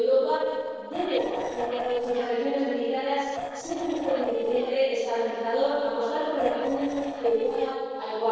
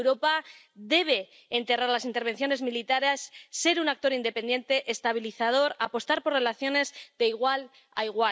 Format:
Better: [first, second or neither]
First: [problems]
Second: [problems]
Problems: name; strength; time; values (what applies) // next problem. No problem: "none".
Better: second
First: noise reduction (neural separator model SepFormer DNS4)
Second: none